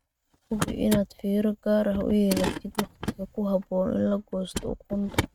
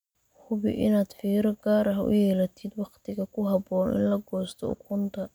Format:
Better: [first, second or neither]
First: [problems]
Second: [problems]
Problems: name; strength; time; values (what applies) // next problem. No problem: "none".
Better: second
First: noise reduction (neural mask model RNNoise)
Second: none